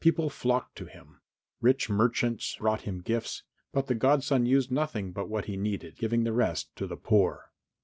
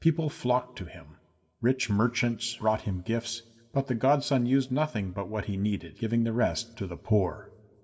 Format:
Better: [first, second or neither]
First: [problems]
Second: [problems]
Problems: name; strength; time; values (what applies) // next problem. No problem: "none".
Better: first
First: none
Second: room echo; dies away in 0.4 s